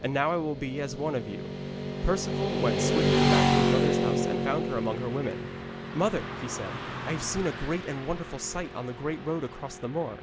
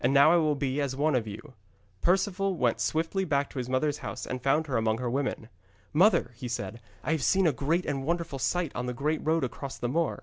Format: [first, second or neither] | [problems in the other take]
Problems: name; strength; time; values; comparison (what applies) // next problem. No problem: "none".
second | background sound (Motorcycle / Traffic noise, roadway noise); 2 dB above the speech